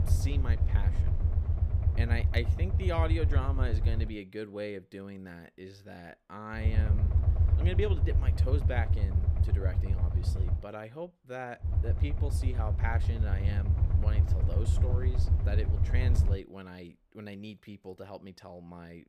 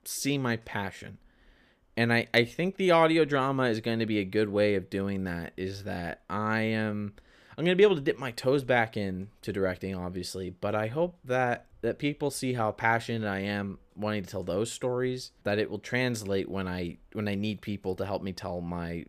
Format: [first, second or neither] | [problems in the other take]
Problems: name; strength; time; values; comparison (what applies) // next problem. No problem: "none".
second | low rumble; loud; until 4 s, from 6.5 to 11 s and from 12 to 16 s; 4 dB below the speech